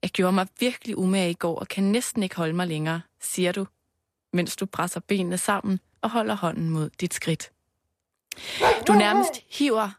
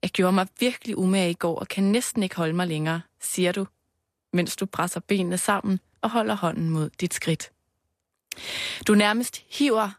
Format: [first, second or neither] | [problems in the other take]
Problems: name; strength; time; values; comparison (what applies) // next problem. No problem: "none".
second | dog barking; loud; at 8.5 s; peak 6 dB above the speech